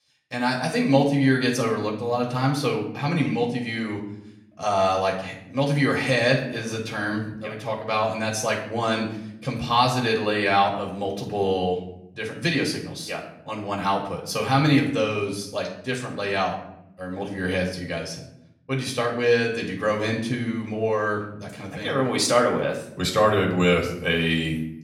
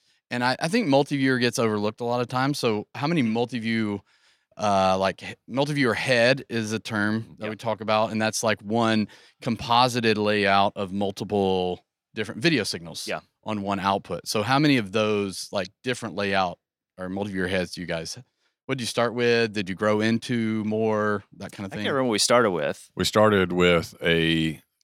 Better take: second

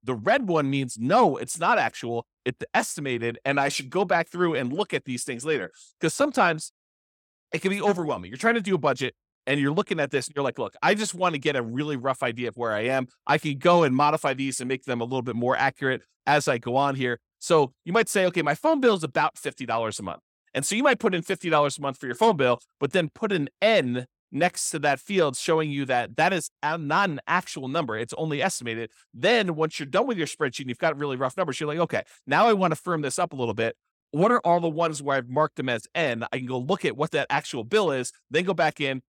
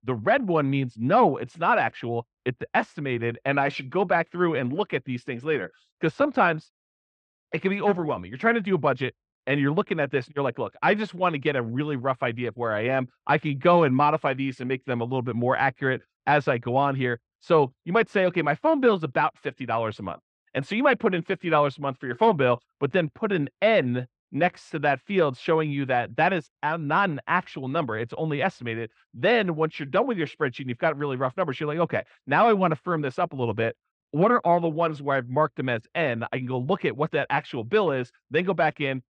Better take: first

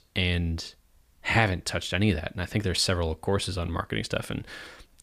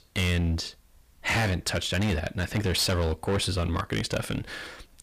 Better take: first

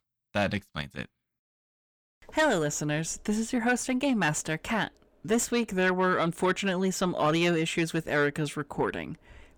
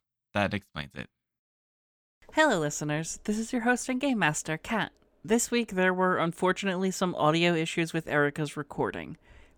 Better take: second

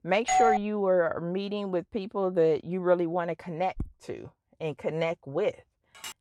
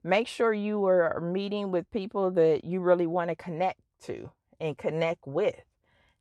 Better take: second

